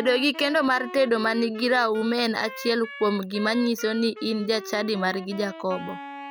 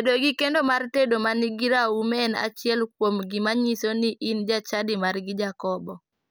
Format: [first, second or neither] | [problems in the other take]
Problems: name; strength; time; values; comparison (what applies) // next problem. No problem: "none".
second | background sound (Wind instrument, woodwind instrument); 14 dB below the speech